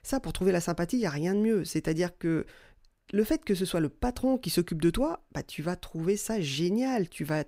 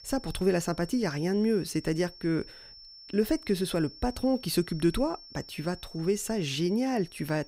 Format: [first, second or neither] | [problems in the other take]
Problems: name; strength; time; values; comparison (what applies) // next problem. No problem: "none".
first | high-pitched whine; noticeable; throughout; 5.5 kHz, 20 dB below the speech